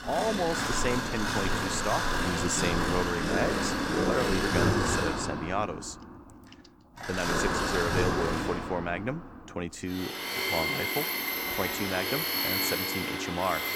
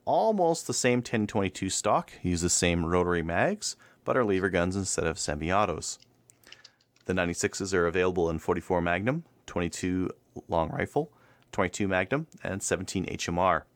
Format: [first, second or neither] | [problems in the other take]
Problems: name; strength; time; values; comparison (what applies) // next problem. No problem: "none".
second | machinery noise; very loud; throughout; 4 dB above the speech